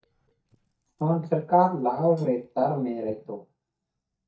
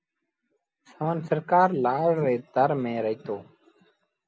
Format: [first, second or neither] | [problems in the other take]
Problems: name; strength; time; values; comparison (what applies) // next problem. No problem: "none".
second | noise reduction (neural mask model DeepFilterNet 3)